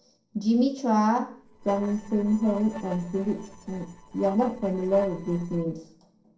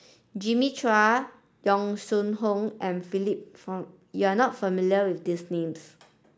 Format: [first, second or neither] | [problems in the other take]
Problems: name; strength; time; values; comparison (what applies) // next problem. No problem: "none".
second | noise reduction (neural separator model SepFormer DNS4)